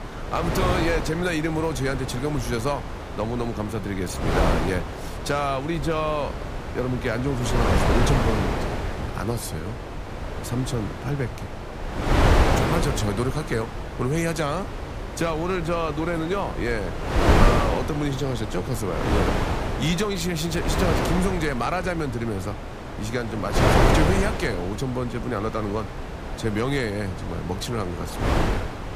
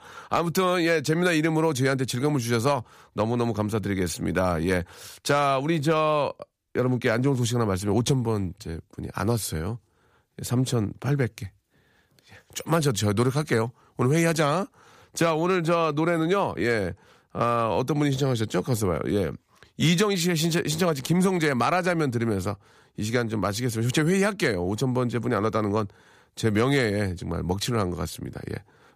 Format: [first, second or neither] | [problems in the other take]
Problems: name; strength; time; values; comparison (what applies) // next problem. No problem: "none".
second | wind noise on the microphone; heavy; 1 dB below the speech